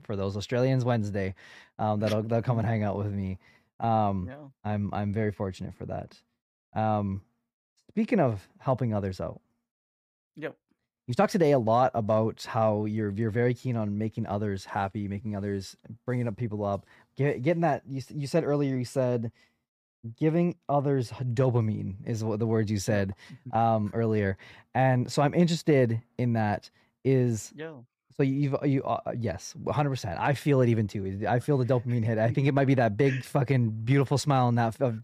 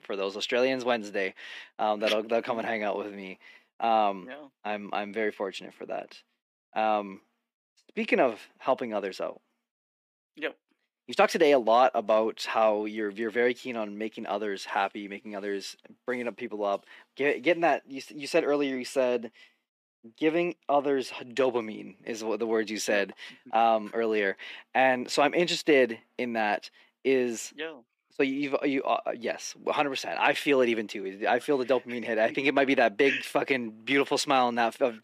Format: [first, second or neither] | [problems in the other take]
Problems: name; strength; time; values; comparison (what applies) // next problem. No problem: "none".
first | thin; somewhat; fading below 300 Hz